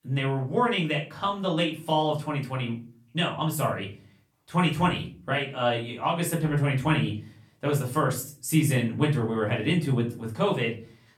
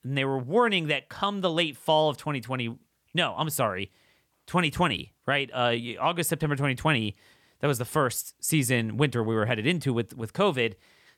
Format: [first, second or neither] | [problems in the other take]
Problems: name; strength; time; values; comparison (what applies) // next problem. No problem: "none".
second | off-mic speech; far // room echo; slight; dies away in 0.3 s